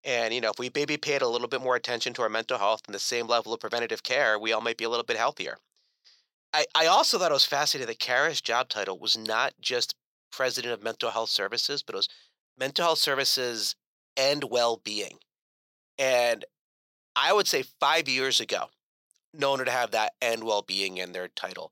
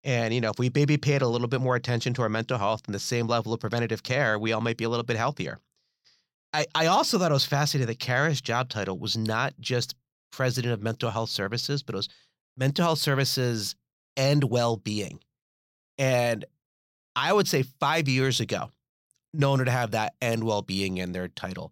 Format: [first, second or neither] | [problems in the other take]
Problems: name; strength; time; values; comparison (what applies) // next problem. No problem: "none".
second | thin; very; fading below 500 Hz